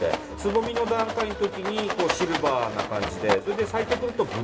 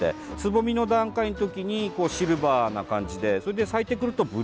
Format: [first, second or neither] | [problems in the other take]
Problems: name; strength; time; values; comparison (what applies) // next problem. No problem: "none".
second | background sound (Rattle); 5 dB below the speech // room echo; dies away in 2.2 s